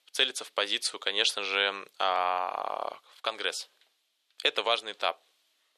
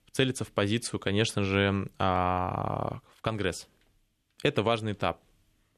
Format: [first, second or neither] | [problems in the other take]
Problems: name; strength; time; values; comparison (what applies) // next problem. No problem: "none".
second | thin; very; fading below 550 Hz